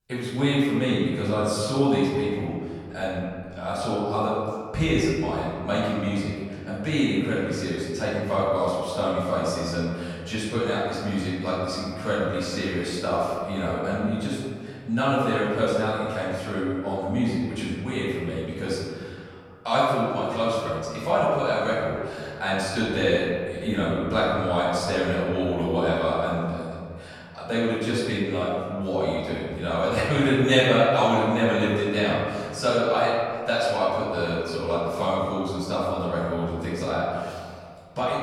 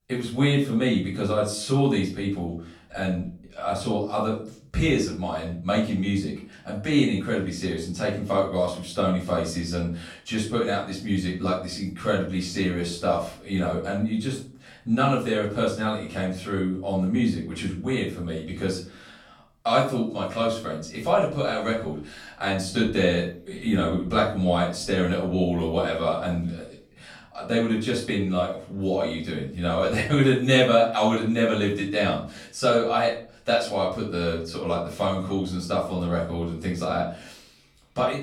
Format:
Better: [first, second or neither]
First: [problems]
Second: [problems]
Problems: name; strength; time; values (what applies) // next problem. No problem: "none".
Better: second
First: room echo; strong; dies away in 1.9 s // off-mic speech; far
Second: room echo; slight; dies away in 0.4 s // off-mic speech; far